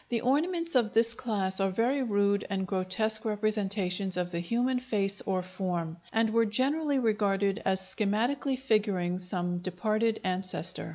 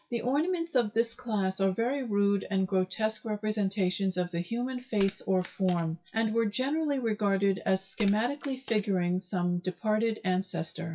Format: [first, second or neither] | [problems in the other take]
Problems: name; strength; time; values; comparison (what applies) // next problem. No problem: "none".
first | noise reduction (classical method WPE with log-MMSE)